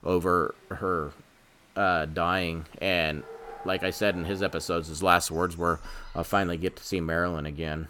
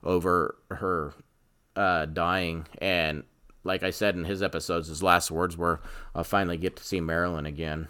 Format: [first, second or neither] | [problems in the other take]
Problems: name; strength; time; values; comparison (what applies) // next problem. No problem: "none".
second | animal sounds; faint; throughout; 20 dB below the speech